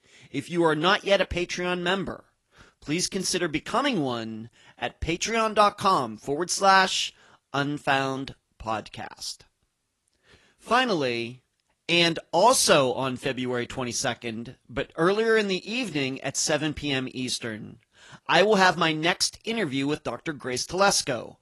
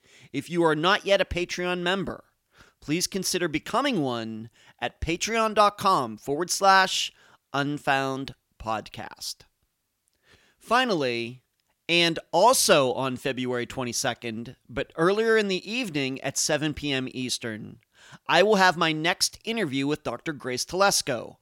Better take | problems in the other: second | garbled, watery; slightly; nothing above 11.5 kHz

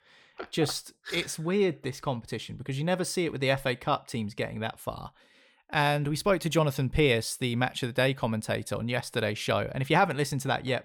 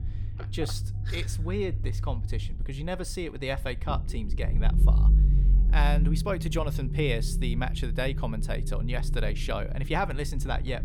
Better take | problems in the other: first | low rumble; noticeable; throughout; 10 dB below the speech

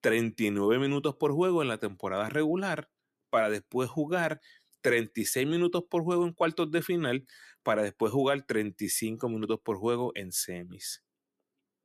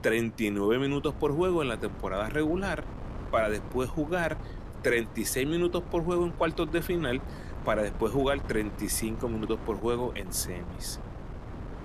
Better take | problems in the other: first | wind noise on the microphone; occasional gusts; 15 dB below the speech

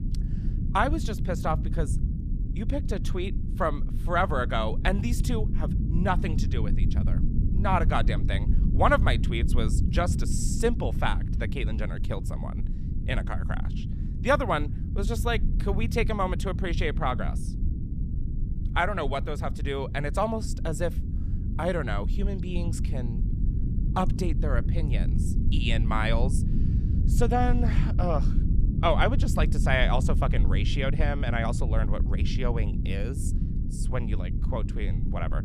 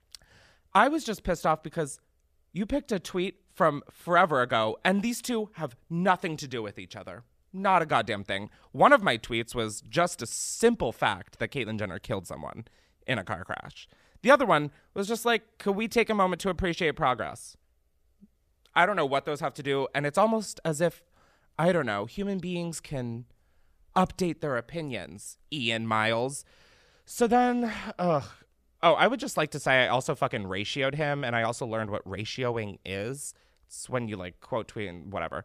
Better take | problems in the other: second | low rumble; noticeable; throughout; 10 dB below the speech

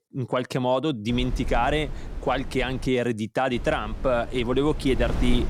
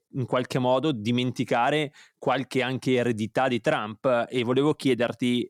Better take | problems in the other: second | wind noise on the microphone; occasional gusts; from 1 to 3 s and from 3.5 s on; 15 dB below the speech

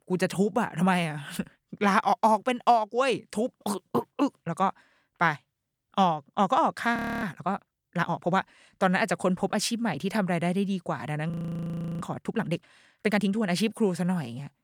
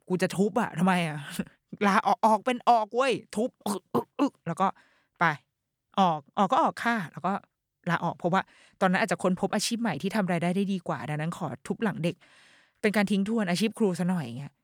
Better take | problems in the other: second | audio freezing; at 7 s and at 11 s for 0.5 s

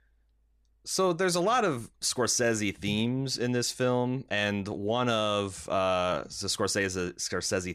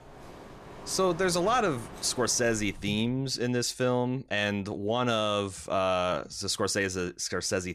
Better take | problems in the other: first | wind in the background; noticeable; until 2.5 s; 15 dB below the speech

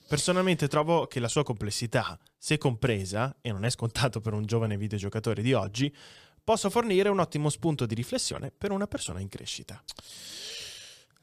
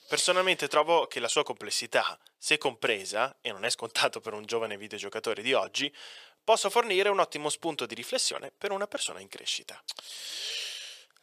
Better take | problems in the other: first | thin; very; fading below 550 Hz

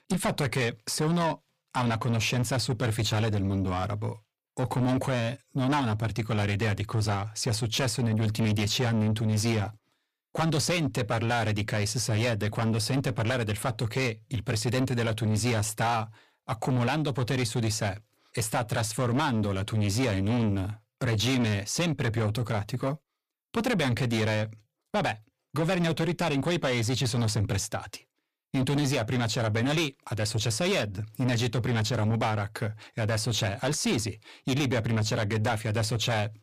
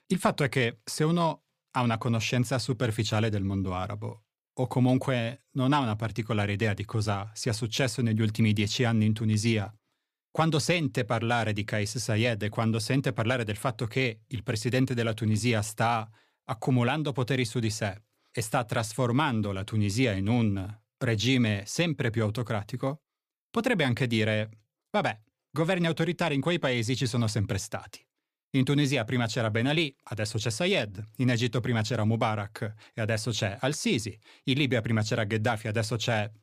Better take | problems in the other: second | distortion; heavy; 8 dB below the speech

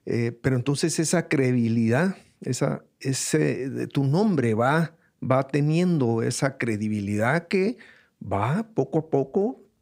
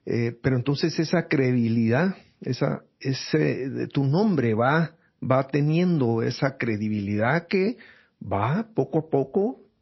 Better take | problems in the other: first | garbled, watery; slightly; nothing above 5.5 kHz

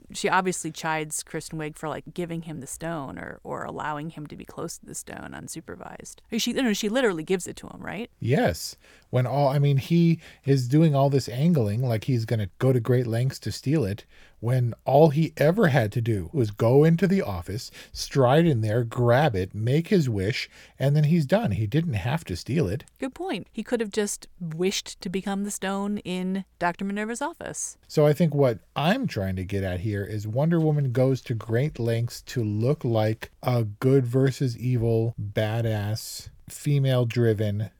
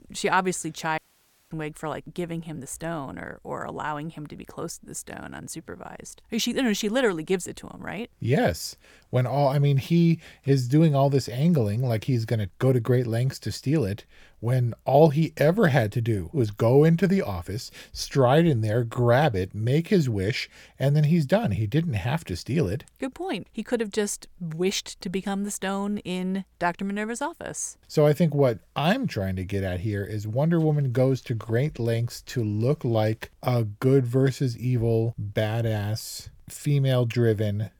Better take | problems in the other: first | audio cutting out; at 1 s for 0.5 s

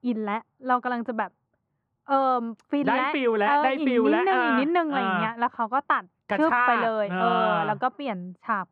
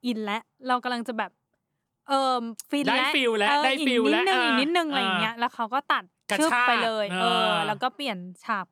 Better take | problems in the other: second | muffled; very; fading above 1.5 kHz

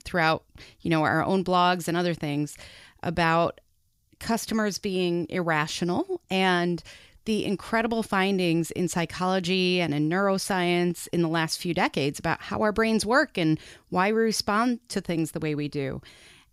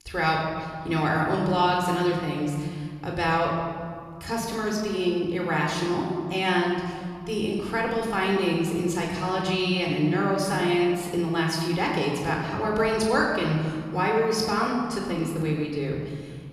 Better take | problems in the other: first | room echo; noticeable; dies away in 2 s // off-mic speech; somewhat distant

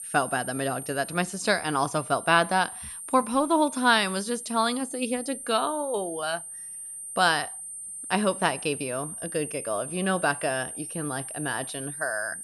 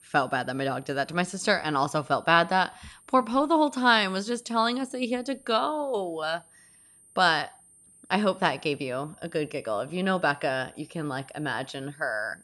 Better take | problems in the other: second | high-pitched whine; loud; throughout; 9 kHz, 9 dB below the speech; faint in the second

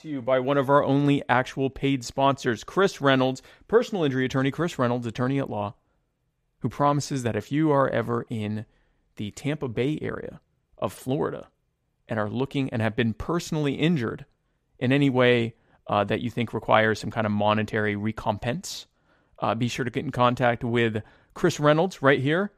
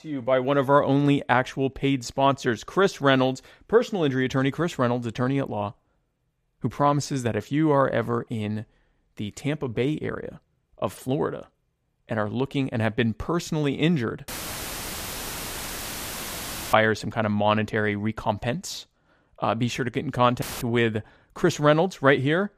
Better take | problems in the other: first | audio cutting out; filled with static; at 14 s for 2.5 s and at 20 s

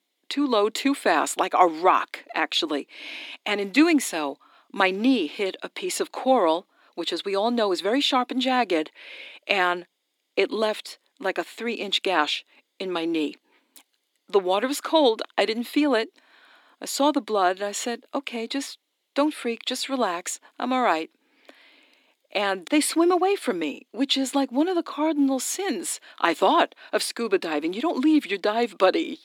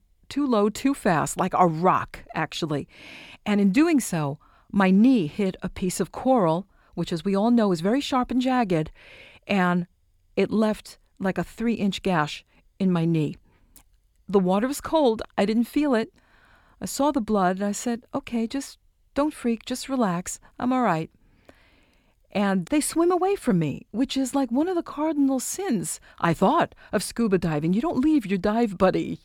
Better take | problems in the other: second | thin; very slightly; fading below 300 Hz

